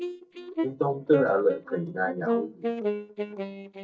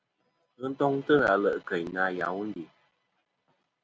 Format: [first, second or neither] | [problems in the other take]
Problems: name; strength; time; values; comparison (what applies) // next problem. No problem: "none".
second | noise reduction (neural mask model DeepFilterNet 3)